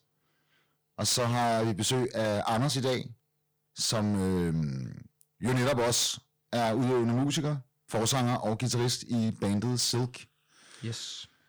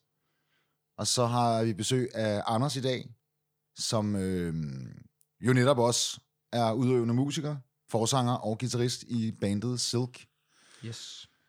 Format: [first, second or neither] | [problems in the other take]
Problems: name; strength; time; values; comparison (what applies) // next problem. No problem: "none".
second | distortion; heavy; 13% of the sound clipped